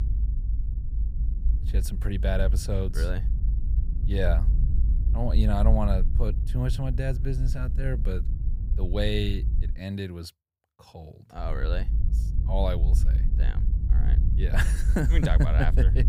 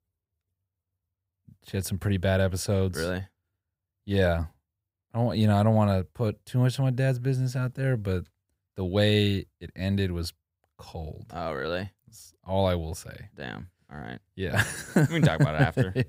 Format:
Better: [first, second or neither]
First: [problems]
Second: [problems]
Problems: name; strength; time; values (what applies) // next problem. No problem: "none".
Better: second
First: low rumble; noticeable; until 9.5 s and from 11 s on; 10 dB below the speech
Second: none